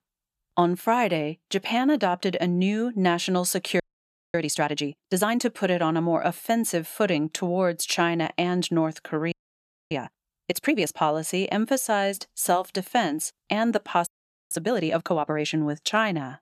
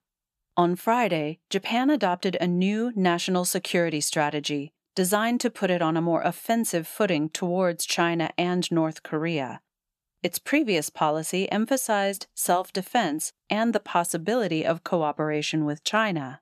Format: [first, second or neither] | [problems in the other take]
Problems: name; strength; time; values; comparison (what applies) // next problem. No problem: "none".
second | audio freezing; at 4 s for 0.5 s, at 9.5 s for 0.5 s and at 14 s